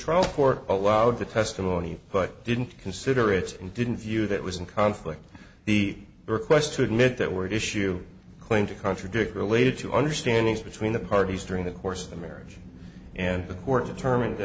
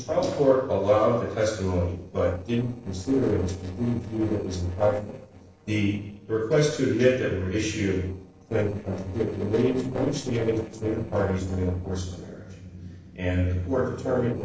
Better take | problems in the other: first | noise reduction (neural separator model SepFormer DNS4)

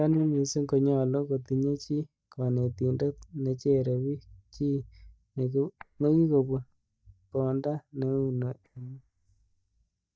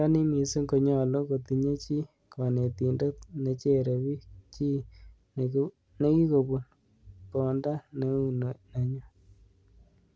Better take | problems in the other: second | noise reduction (neural mask model DeepFilterNet 3)

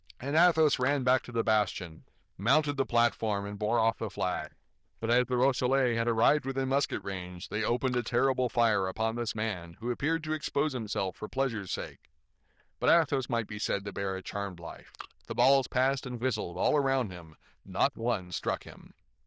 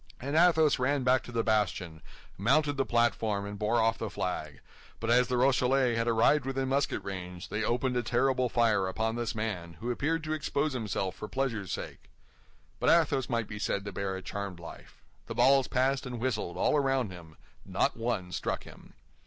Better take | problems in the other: second | noise reduction (neural diffusion model UNIVERSE++)

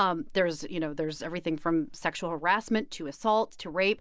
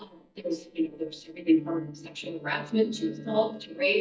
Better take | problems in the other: first | noise reduction (neural mask model DeepFilterNet 3)

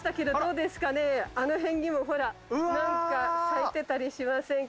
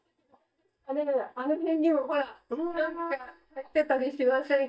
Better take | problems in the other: first | noise reduction (neural mask model DeepFilterNet 3)

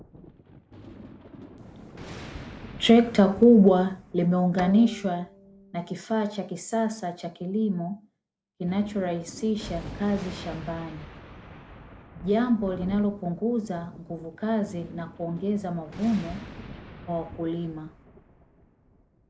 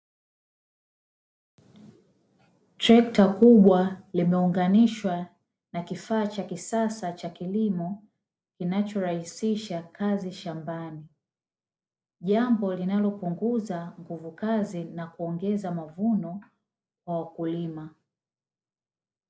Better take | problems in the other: second | background sound (Thunder + Bowed string instrument); 17 dB below the speech

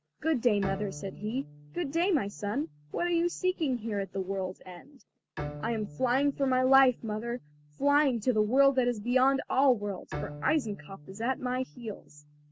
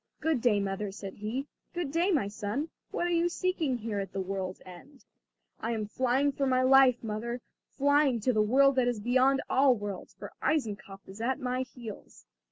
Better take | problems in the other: second | background sound (Bowed string instrument); 16 dB below the speech

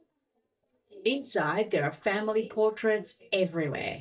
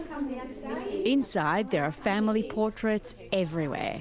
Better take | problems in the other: second | noise reduction (neural mask model DeepFilterNet 3)

